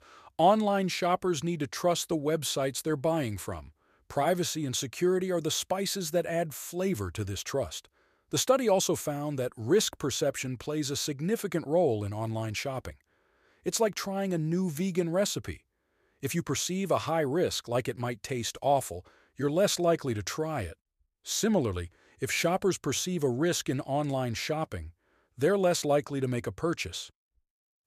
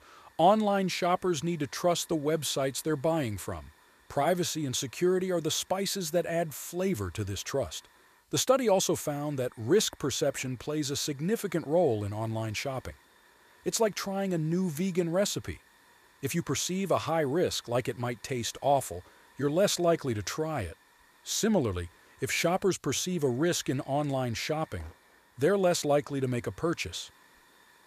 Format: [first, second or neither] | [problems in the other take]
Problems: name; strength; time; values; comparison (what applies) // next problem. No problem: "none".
first | hiss; faint; throughout; 30 dB below the speech